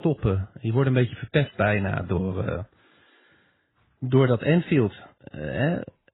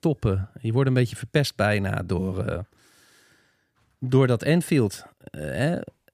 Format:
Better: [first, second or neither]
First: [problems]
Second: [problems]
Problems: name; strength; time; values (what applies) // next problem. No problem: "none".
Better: second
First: garbled, watery; badly; nothing above 4 kHz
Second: none